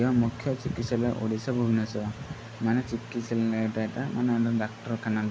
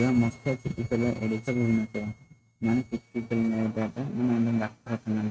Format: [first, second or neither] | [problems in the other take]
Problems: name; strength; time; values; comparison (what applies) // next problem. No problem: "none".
first | noise reduction (neural mask model RNNoise)